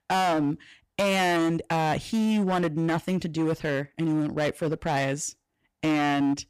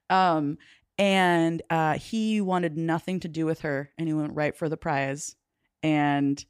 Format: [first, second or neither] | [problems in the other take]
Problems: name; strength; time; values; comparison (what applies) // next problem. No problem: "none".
second | distortion; heavy; 17% of the sound clipped